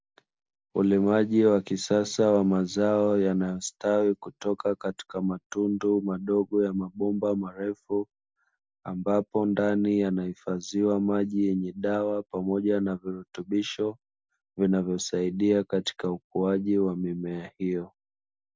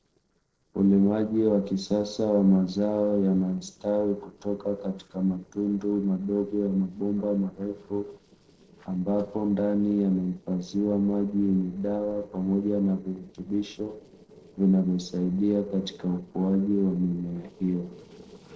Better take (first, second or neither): first